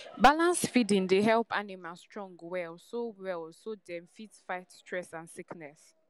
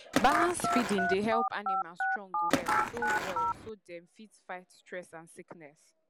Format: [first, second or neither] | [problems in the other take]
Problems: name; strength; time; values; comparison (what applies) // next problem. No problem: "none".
first | background sound (Skateboard + Telephone); 4 dB above the speech